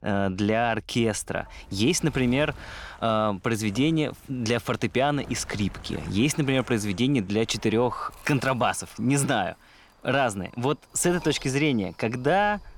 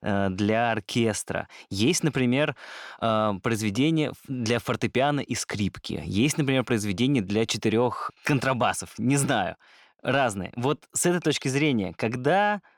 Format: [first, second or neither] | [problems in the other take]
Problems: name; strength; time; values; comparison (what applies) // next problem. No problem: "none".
second | wind noise on the microphone; occasional gusts; 25 dB below the speech